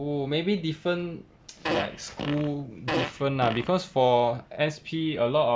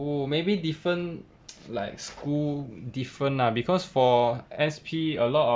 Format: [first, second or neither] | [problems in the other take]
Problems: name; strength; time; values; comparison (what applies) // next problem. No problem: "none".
second | background sound (Fart); 6 dB below the speech